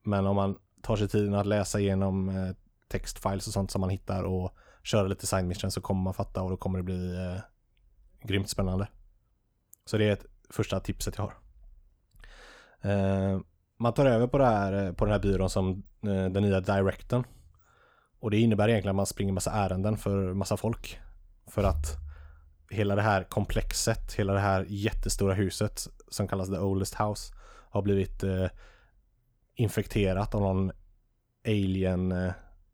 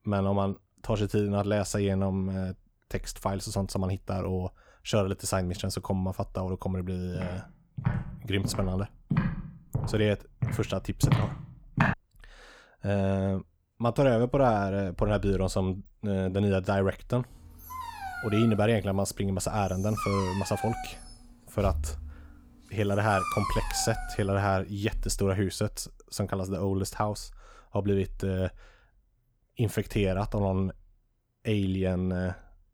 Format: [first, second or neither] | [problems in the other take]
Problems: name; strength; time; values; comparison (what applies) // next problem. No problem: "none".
first | footsteps; loud; from 7 to 12 s; peak 3 dB above the speech // dog barking; noticeable; from 17 to 24 s; peak 2 dB below the speech